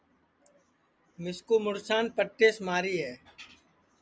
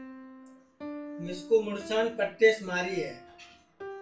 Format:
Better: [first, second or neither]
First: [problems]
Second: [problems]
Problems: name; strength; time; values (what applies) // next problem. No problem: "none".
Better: first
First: none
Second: background sound (Piano); 14 dB below the speech // room echo; dies away in 0.3 s